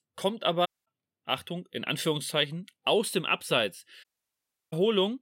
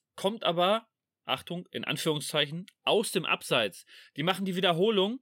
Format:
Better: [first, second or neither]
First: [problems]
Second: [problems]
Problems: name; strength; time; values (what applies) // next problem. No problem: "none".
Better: second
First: audio cutting out; at 0.5 s and at 4 s for 0.5 s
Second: none